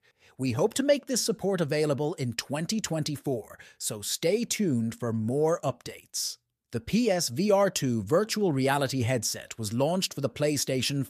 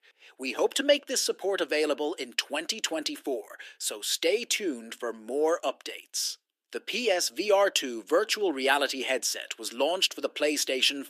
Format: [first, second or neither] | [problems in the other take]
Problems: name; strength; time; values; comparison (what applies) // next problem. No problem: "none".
first | thin; somewhat; fading below 300 Hz